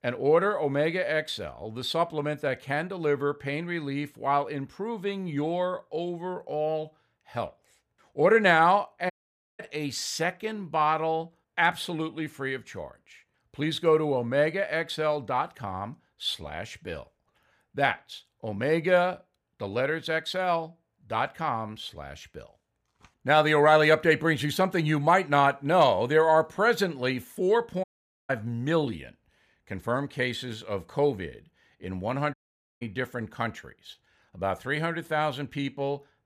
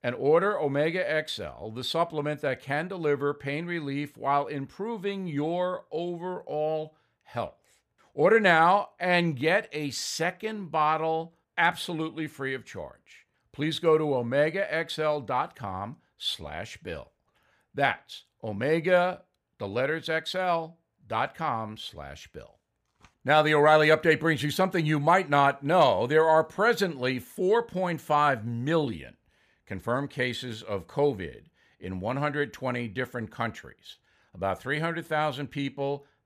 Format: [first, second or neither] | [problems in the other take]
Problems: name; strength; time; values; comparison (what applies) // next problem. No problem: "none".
second | audio cutting out; at 9 s, at 28 s and at 32 s